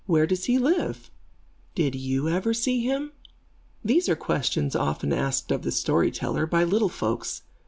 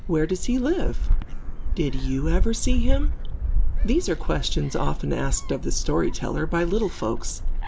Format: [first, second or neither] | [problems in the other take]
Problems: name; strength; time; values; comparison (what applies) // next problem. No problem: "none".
first | background sound (Gull, seagull); 4 dB above the speech